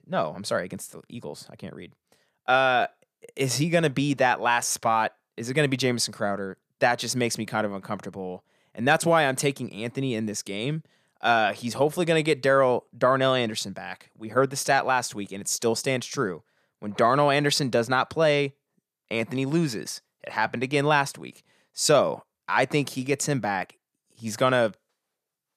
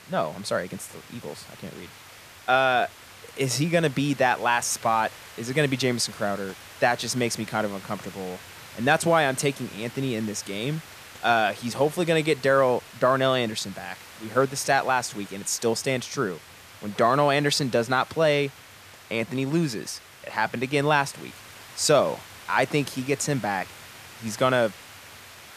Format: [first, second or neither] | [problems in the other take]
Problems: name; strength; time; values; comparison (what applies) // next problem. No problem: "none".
first | hiss; noticeable; throughout; 20 dB below the speech